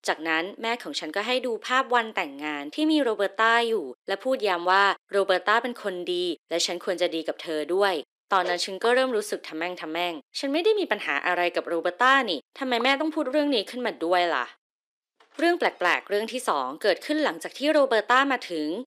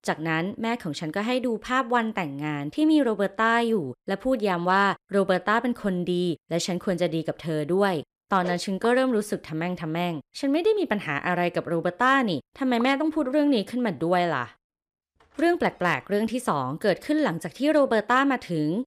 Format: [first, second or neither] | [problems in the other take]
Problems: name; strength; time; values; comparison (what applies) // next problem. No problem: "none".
second | thin; somewhat; fading below 300 Hz